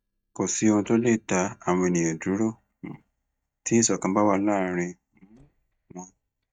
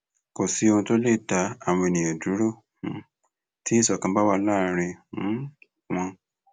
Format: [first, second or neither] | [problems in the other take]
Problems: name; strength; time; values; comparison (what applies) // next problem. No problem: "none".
second | noise reduction (neural mask model DeepFilterNet 3)